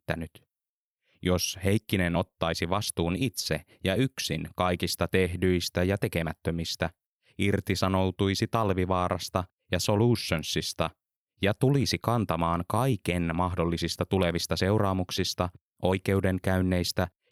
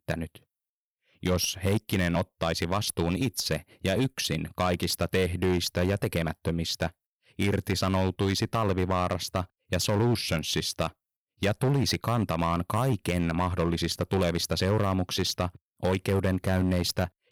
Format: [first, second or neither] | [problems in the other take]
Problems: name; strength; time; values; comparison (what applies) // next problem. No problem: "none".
first | distortion; slight; 8% of the sound clipped